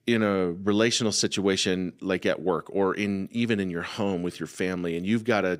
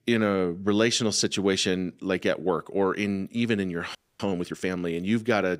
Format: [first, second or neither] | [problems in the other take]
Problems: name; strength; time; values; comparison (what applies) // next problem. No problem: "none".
first | audio freezing; at 4 s